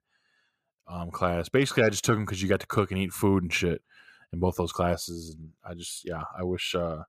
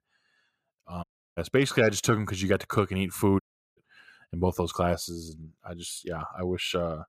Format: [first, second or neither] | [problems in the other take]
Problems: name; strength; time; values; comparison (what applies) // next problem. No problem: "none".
first | audio cutting out; at 1 s and at 3.5 s